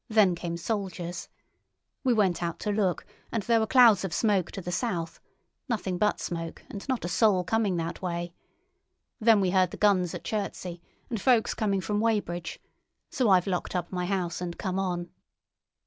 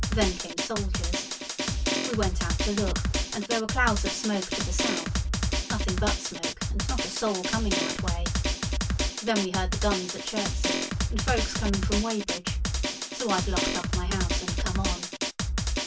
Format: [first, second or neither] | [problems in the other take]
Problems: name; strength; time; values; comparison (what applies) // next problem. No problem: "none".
first | background sound (Drum); 4 dB above the speech // room echo; dies away in 0.1 s